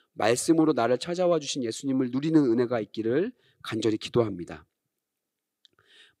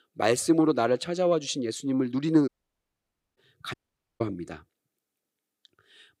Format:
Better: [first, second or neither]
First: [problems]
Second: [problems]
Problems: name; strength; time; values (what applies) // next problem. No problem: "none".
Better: first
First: none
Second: audio cutting out; at 2.5 s for 1 s and at 3.5 s